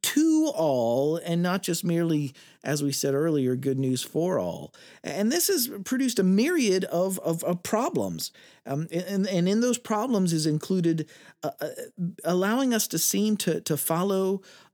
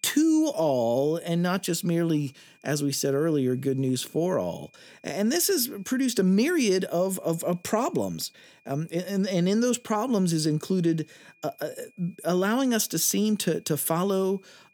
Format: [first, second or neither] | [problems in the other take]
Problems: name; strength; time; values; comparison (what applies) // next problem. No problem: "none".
first | high-pitched whine; faint; throughout; 2.5 kHz, 35 dB below the speech